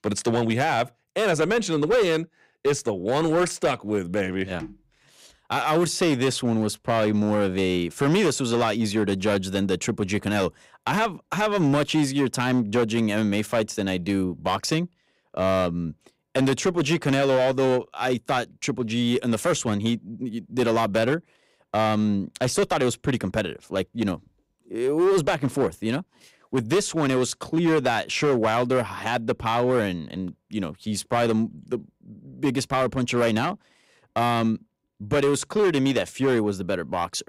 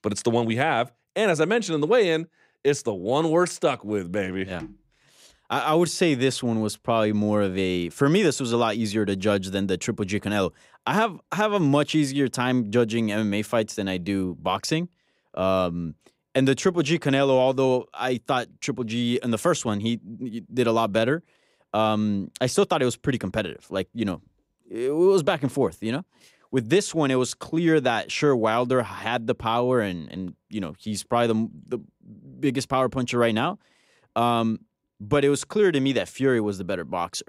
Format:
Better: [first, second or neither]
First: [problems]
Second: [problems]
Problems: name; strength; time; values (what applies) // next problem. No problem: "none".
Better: second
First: distortion; slight; 8% of the sound clipped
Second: none